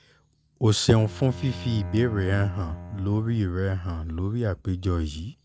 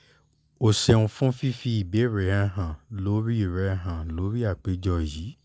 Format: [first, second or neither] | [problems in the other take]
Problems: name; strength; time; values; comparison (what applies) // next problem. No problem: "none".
second | background sound (Bowed string instrument); 14 dB below the speech